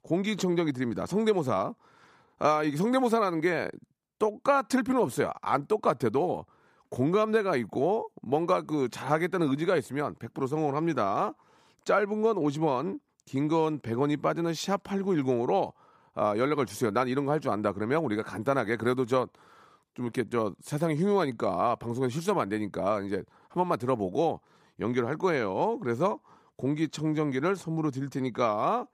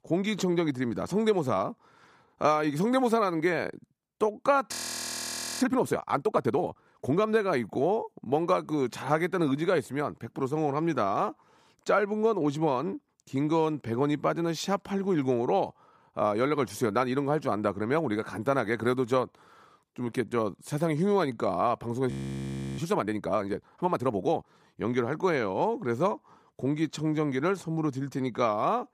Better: first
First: none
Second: audio freezing; at 4.5 s for 1 s and at 22 s for 0.5 s

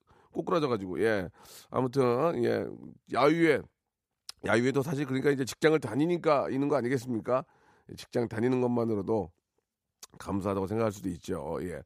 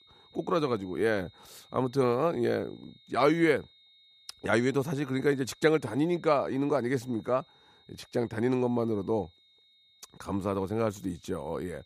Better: first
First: none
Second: high-pitched whine; faint; throughout; 3.5 kHz, 30 dB below the speech

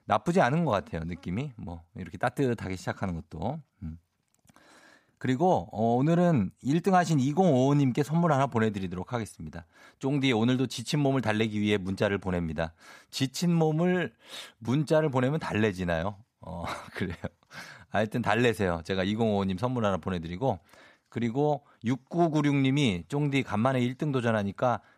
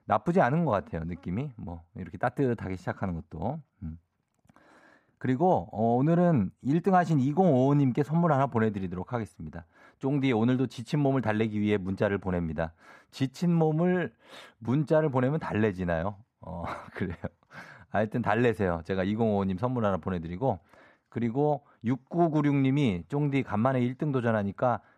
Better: first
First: none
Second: muffled; slightly; fading above 2.5 kHz

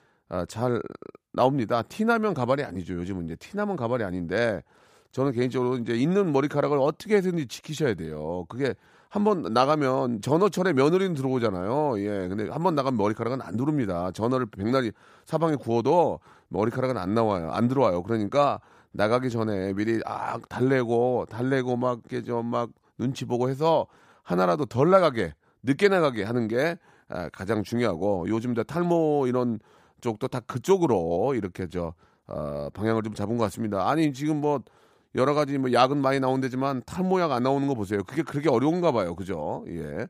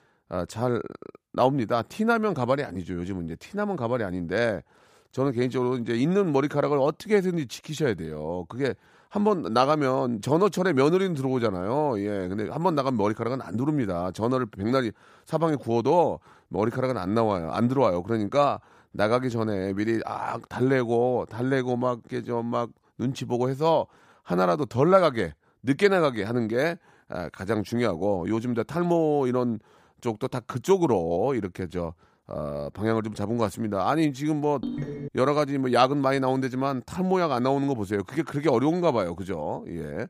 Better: first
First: none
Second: phone ringing; noticeable; at 35 s; peak 7 dB below the speech

